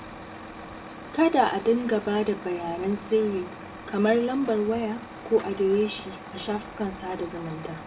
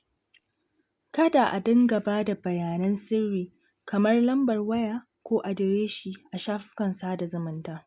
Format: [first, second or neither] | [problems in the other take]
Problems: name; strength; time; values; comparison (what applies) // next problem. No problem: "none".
second | background sound (Truck); 14 dB below the speech // room echo; dies away in 0.4 s